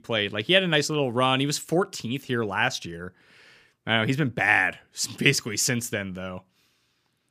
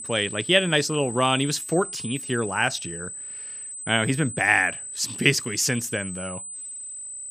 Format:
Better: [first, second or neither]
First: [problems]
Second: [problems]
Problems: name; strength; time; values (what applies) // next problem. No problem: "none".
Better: first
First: none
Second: high-pitched whine; loud; throughout; 8 kHz, 10 dB below the speech